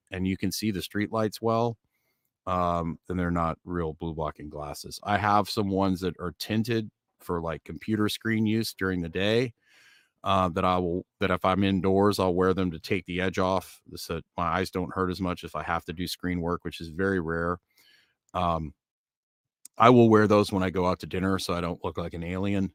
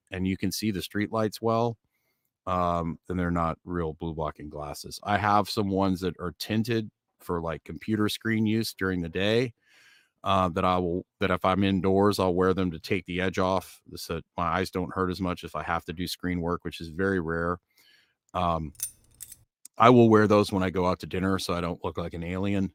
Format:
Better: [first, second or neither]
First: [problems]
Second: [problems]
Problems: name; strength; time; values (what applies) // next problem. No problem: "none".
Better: first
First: none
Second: jangling keys; noticeable; at 19 s; peak 8 dB below the speech